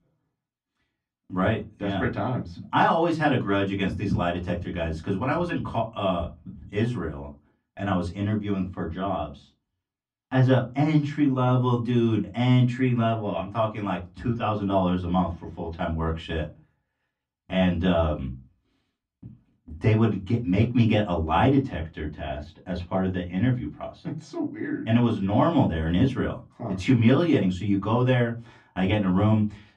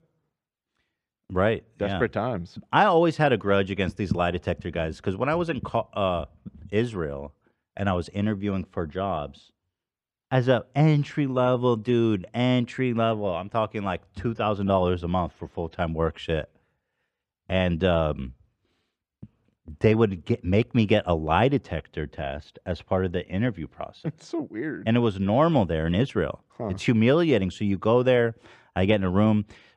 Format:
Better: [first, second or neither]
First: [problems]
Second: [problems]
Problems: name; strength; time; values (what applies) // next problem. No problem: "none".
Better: second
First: off-mic speech; far // room echo; very slight; dies away in 0.2 s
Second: none